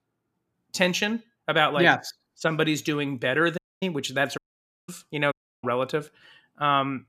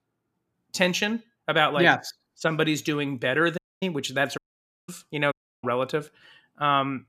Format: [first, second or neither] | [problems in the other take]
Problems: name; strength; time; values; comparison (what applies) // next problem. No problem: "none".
neither | audio cutting out; at 3.5 s, at 4.5 s for 0.5 s and at 5.5 s; the same in both